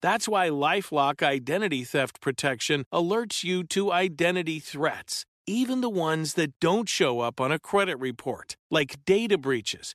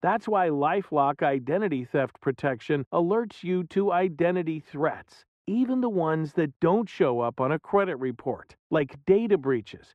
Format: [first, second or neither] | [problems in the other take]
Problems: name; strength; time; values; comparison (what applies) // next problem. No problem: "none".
first | muffled; very; fading above 3 kHz